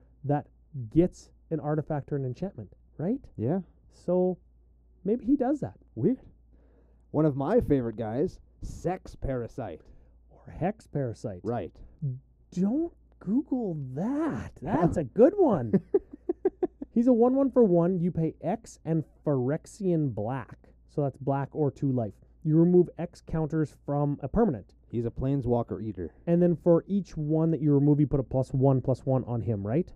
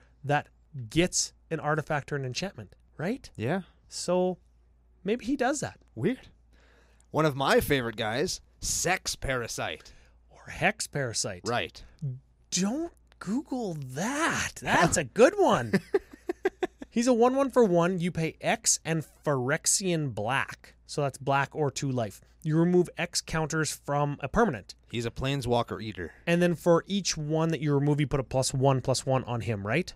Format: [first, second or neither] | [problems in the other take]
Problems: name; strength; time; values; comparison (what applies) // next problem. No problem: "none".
second | muffled; very; fading above 1 kHz